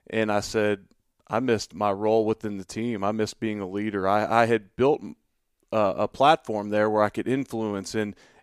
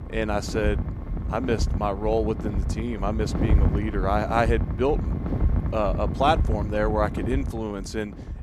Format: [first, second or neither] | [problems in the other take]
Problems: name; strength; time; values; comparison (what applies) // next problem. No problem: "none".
first | wind noise on the microphone; occasional gusts; 10 dB below the speech